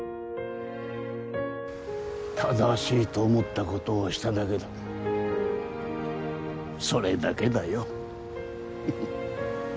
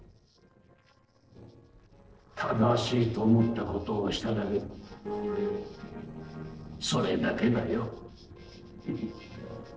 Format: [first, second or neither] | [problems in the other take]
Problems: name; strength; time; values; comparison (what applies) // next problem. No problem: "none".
first | noise reduction (neural separator model SepFormer DNS4)